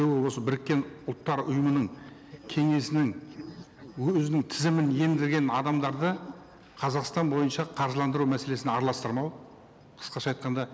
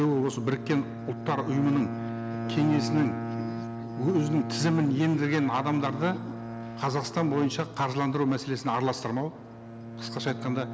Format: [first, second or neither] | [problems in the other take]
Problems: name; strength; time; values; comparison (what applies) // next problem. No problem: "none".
first | background sound (Bowed string instrument); 8 dB below the speech